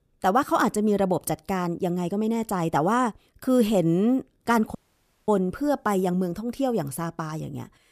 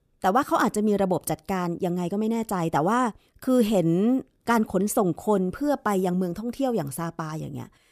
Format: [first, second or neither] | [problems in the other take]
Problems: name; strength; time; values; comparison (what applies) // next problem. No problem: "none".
second | audio cutting out; at 5 s for 0.5 s